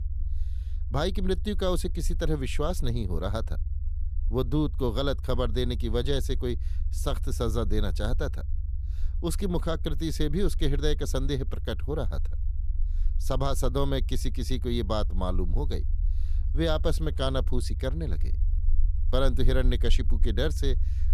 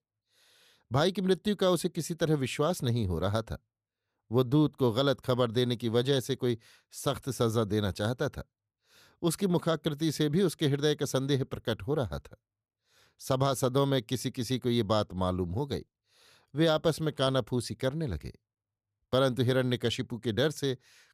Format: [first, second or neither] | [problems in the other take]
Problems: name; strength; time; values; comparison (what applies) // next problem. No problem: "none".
second | low rumble; faint; throughout; 20 dB below the speech